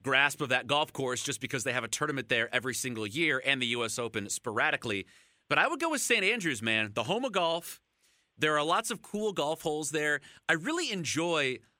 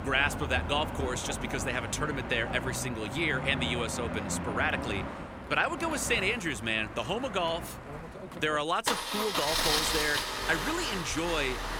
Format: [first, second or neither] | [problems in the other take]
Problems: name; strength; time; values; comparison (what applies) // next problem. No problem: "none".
first | traffic noise; loud; throughout; 3 dB below the speech